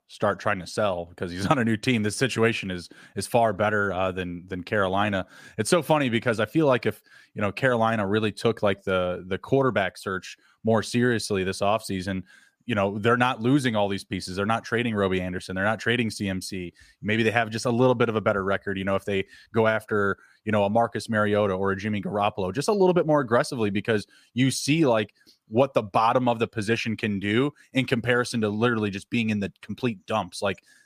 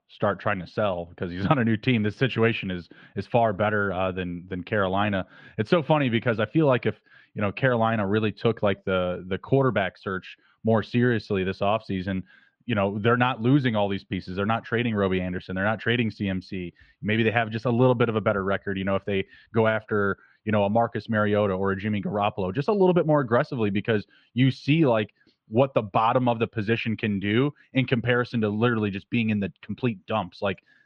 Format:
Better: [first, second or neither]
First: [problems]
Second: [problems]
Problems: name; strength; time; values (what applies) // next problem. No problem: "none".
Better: first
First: none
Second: muffled; slightly; fading above 3.5 kHz